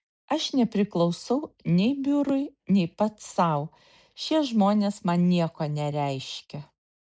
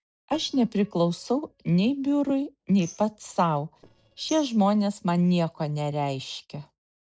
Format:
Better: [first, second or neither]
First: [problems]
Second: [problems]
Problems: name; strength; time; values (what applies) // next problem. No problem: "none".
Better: first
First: none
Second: noise reduction (neural separator model SepFormer DNS4)